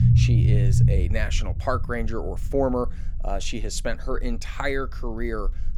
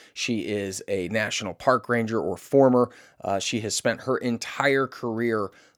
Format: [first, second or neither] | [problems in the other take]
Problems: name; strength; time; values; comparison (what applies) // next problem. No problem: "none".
second | low rumble; loud; throughout; 5 dB below the speech